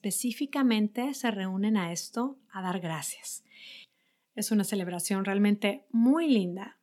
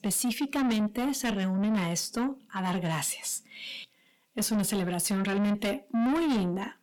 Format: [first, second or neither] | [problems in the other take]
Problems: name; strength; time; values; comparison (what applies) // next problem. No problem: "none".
first | distortion; heavy; 6 dB below the speech